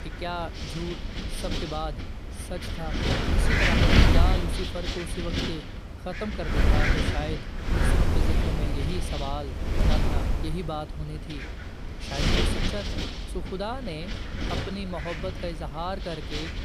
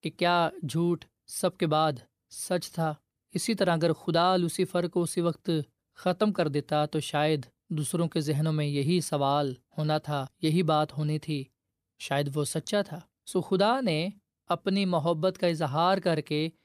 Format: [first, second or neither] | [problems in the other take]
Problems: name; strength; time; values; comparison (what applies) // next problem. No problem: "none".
second | wind noise on the microphone; heavy; 5 dB above the speech